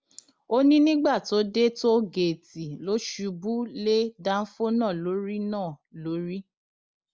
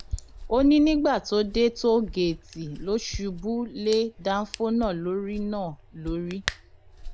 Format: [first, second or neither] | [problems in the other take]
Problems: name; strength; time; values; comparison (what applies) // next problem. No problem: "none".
first | background sound (Hands); 13 dB below the speech